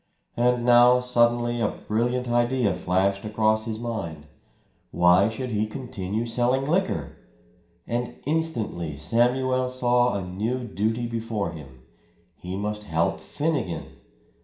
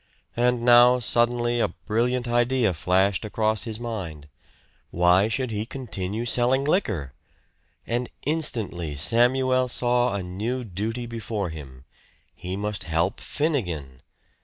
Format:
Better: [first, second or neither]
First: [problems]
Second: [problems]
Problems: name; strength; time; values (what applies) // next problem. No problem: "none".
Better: second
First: room echo; dies away in 0.5 s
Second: none